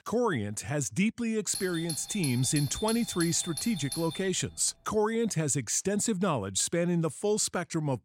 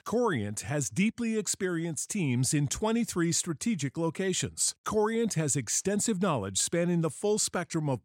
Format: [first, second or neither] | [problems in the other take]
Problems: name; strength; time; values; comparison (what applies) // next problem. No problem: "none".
second | doorbell; noticeable; from 1.5 to 4.5 s; peak 6 dB below the speech